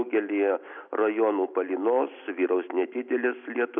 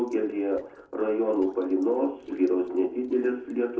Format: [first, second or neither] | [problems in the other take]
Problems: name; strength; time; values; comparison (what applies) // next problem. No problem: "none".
first | noise reduction (neural separator model SepFormer DNS4)